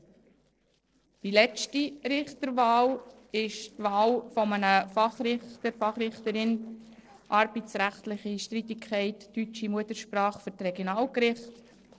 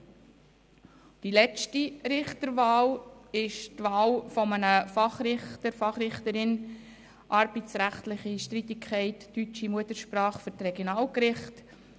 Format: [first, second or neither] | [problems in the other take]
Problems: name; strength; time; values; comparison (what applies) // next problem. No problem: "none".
second | noise reduction (neural separator model SepFormer DNS4)